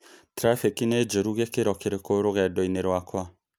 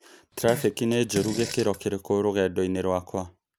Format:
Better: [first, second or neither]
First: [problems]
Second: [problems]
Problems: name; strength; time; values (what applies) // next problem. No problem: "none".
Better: first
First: none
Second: background sound (Fart); 11 dB below the speech